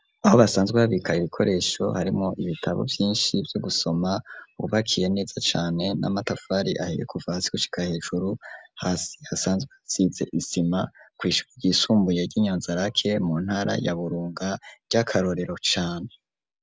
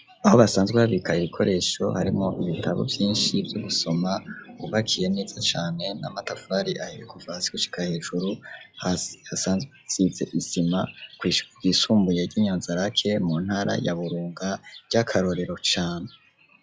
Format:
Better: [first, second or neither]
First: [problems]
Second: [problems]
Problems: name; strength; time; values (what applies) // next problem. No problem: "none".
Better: first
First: none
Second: noise reduction (classical method log-MMSE)